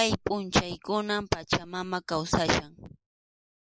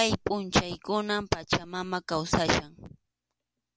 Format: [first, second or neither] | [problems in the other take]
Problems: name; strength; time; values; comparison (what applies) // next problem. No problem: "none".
second | noise reduction (neural mask model Resemble Enhance denoiser)